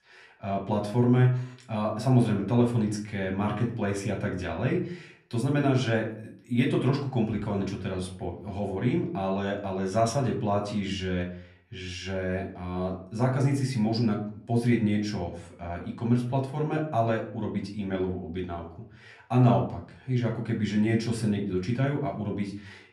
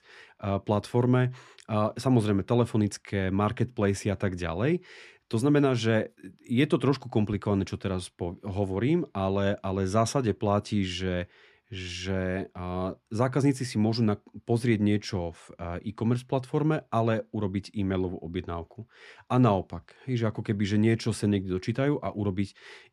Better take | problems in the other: second | off-mic speech; somewhat distant // room echo; slight; dies away in 0.4 s

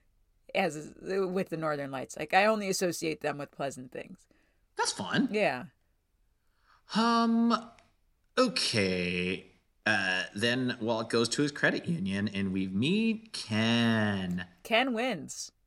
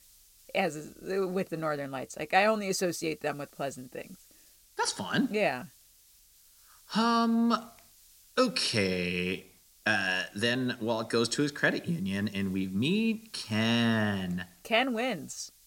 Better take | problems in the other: first | hiss; faint; throughout; 25 dB below the speech

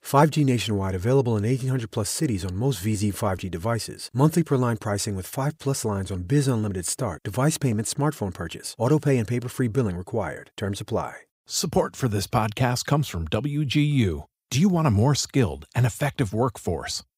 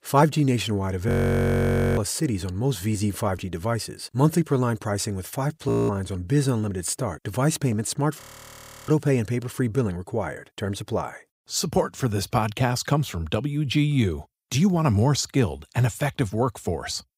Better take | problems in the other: first | audio freezing; at 1 s for 1 s, at 5.5 s and at 8 s for 0.5 s

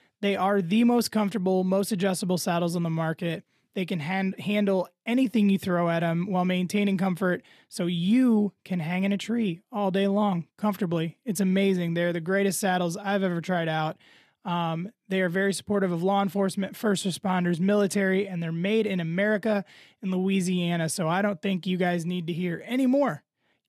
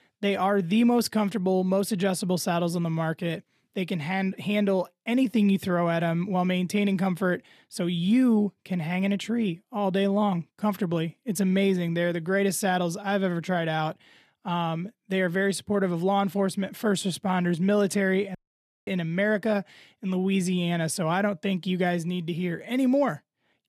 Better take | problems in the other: first | audio cutting out; at 18 s for 0.5 s

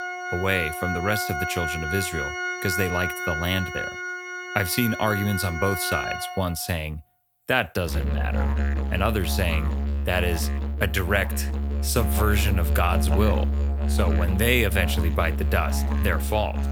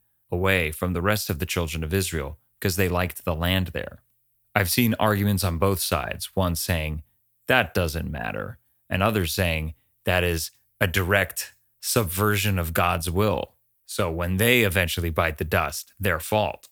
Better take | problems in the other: second | background music; loud; throughout; 1 dB below the speech

